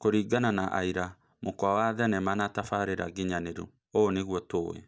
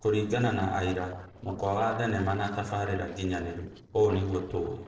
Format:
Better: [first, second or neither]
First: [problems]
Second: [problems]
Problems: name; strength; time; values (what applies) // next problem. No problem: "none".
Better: first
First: none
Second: noise reduction (neural separator model SepFormer DNS4)